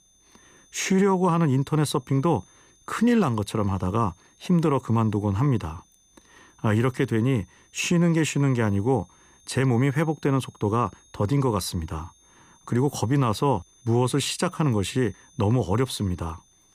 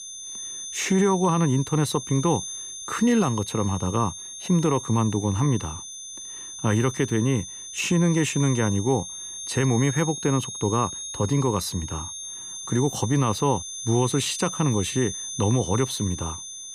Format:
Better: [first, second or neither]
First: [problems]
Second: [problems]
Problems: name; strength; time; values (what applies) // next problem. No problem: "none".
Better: first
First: high-pitched whine; faint; throughout; 6 kHz, 30 dB below the speech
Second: high-pitched whine; loud; throughout; 6 kHz, 9 dB below the speech